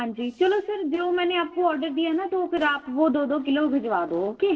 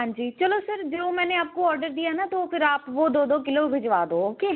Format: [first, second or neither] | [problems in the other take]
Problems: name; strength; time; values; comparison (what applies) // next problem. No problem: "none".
second | noise reduction (neural separator model SepFormer DNS4)